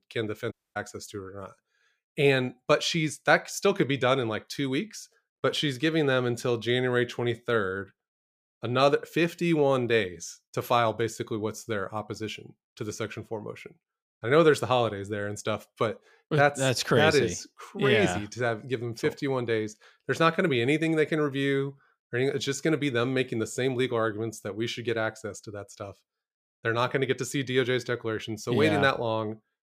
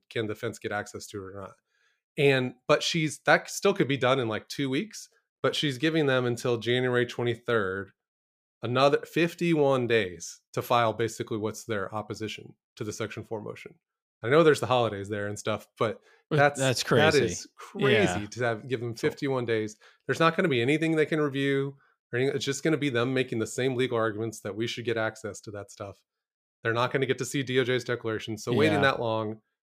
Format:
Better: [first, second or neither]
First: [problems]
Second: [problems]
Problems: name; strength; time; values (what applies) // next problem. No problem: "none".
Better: second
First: audio cutting out; at 0.5 s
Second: none